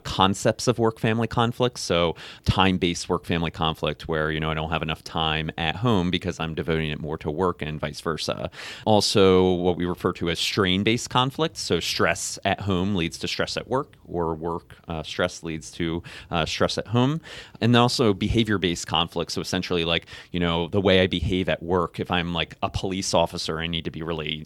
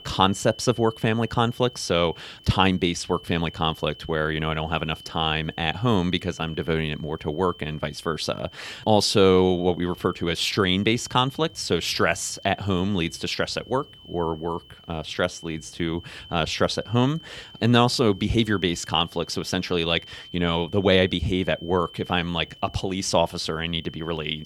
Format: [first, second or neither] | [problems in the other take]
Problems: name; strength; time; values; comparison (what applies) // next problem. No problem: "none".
first | high-pitched whine; faint; throughout; 3 kHz, 20 dB below the speech